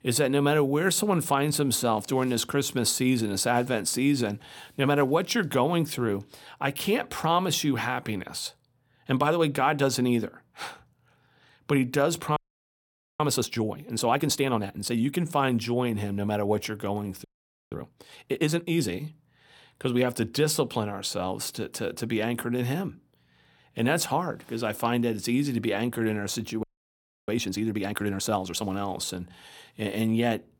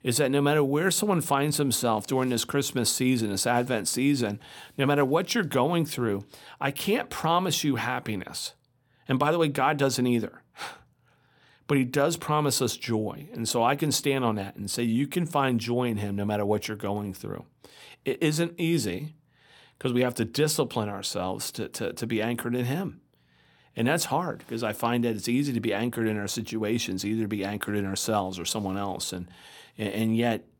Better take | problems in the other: second | audio freezing; at 12 s for 1 s, at 17 s and at 27 s for 0.5 s

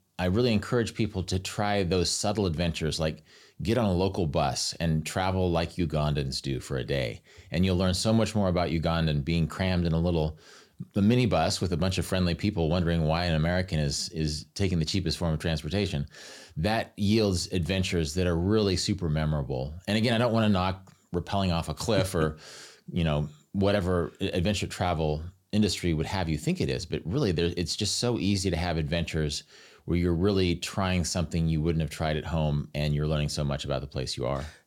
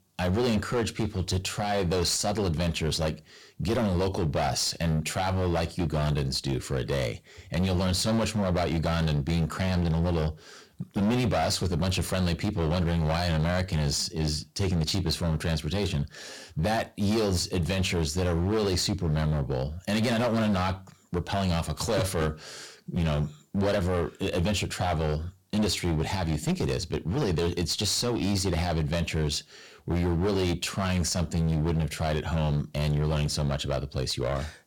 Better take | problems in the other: first | distortion; heavy; 17% of the sound clipped

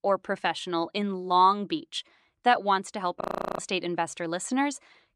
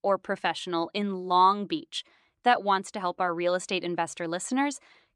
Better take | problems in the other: second | audio freezing; at 3 s

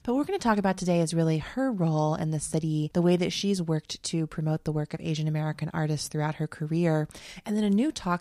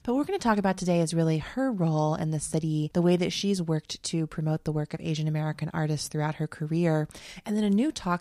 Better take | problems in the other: neither | none

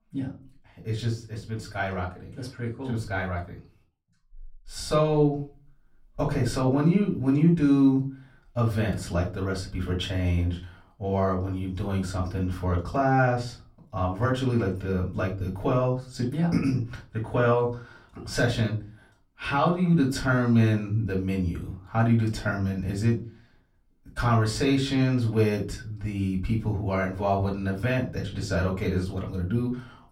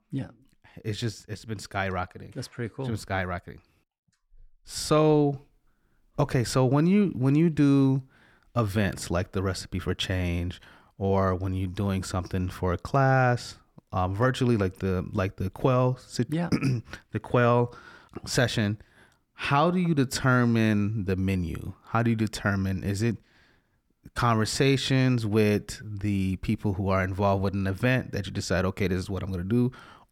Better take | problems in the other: second | off-mic speech; far // room echo; slight; dies away in 0.3 s

